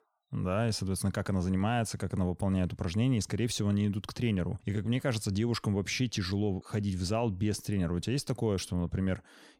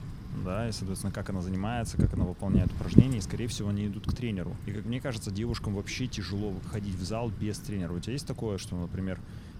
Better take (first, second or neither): first